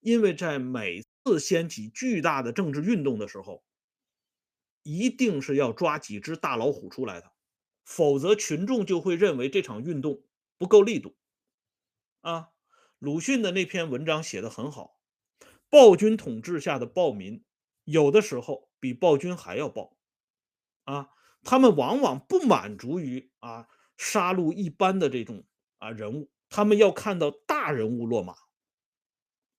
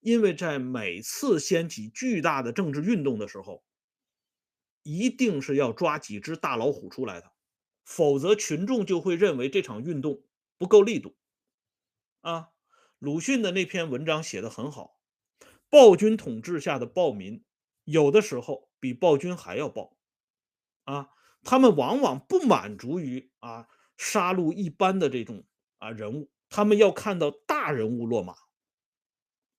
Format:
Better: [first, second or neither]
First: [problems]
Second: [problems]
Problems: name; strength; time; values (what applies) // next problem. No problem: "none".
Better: second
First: audio cutting out; at 1 s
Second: none